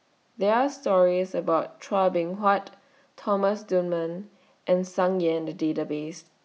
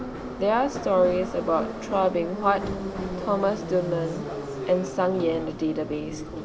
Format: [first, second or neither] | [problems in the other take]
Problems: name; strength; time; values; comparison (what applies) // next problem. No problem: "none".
first | background sound (Subway, metro, underground); 7 dB below the speech